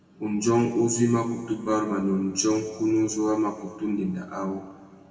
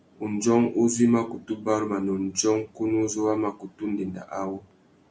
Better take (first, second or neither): second